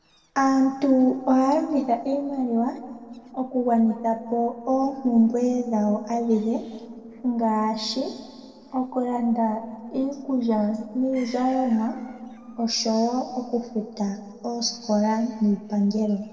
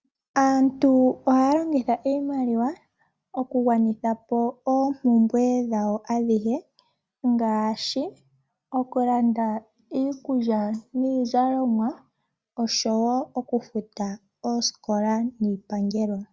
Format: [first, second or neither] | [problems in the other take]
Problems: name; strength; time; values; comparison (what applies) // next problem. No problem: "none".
second | noise reduction (neural separator model SepFormer DNS4)